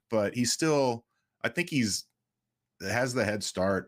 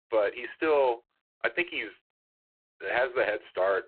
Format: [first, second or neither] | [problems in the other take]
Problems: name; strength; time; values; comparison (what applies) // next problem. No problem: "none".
first | phone-call audio; poor line; nothing above 4 kHz